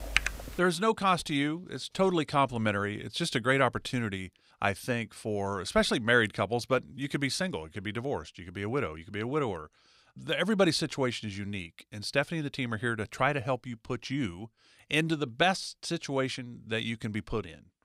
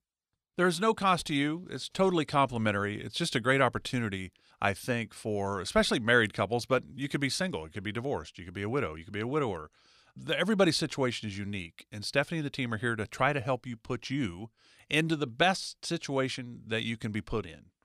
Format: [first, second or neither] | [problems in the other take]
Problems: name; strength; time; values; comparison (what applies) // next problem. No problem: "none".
second | keyboard typing; loud; at the start; peak 1 dB above the speech